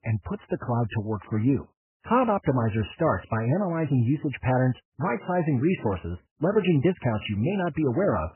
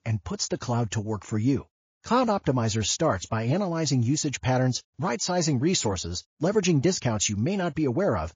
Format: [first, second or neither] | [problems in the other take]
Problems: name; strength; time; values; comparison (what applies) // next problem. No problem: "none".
second | garbled, watery; badly; nothing above 3 kHz; slightly in the second